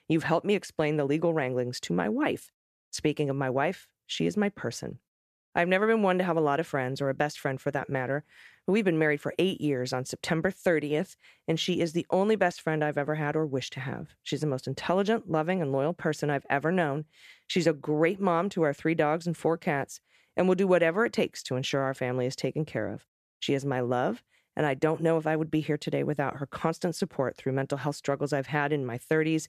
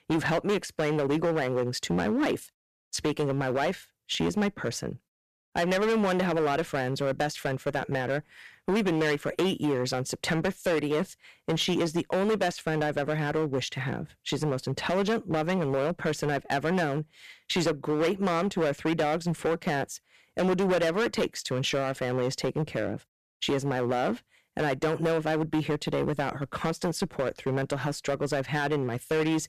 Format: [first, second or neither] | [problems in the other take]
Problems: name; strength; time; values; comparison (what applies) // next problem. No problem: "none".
first | distortion; heavy; 12% of the sound clipped